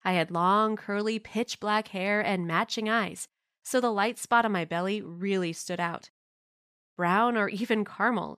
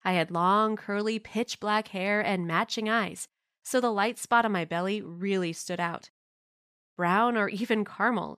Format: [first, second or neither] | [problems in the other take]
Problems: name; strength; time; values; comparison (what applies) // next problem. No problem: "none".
neither | audio cutting out; at 6.5 s for 0.5 s; the same in both